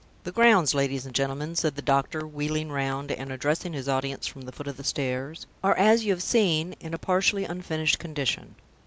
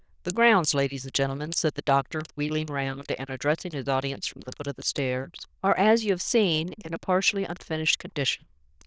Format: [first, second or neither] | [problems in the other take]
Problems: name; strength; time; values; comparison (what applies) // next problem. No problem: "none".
first | noise reduction (neural diffusion model UNIVERSE++)